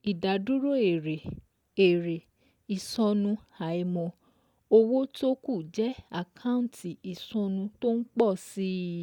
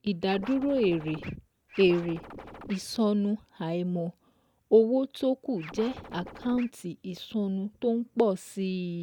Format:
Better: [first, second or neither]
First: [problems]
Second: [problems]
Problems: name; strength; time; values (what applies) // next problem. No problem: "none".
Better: first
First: none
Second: background sound (Scratching (performance technique)); 15 dB below the speech